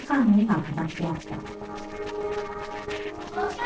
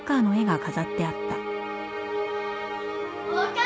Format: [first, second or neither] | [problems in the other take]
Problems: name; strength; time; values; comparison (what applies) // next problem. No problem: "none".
second | noise reduction (neural separator model SepFormer DNS4)